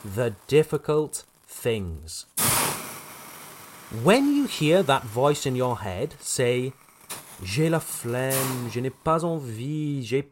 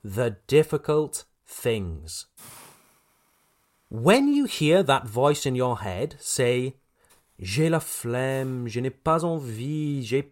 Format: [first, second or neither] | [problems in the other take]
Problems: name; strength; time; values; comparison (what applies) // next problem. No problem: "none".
second | hiss; loud; throughout; 4 dB below the speech; faint in the second